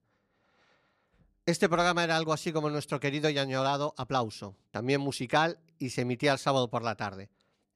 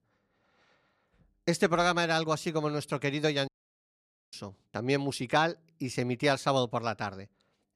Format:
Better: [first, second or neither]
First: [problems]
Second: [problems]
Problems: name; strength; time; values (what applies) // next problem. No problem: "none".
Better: first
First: none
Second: audio cutting out; at 3.5 s for 1 s